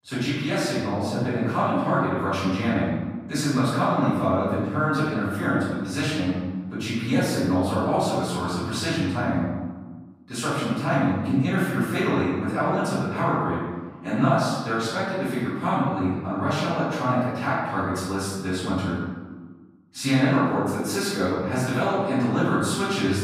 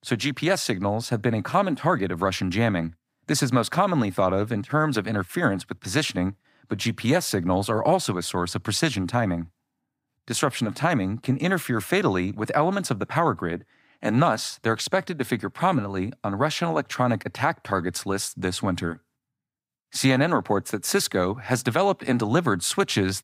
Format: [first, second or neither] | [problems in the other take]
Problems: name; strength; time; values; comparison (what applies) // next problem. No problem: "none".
second | off-mic speech; far // room echo; strong; dies away in 1.2 s